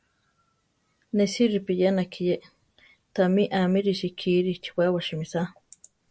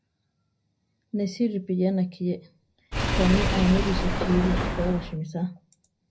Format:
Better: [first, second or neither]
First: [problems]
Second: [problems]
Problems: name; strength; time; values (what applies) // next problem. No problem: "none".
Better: first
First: none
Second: background sound (Engine / Car); 2 dB above the speech // room echo; dies away in 0.5 s